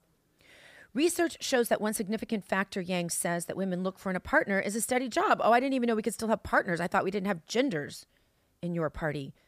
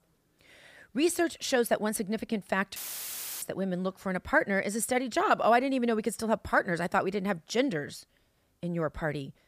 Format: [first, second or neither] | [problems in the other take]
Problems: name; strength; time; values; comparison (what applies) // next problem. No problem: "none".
first | audio cutting out; filled with static; at 3 s for 0.5 s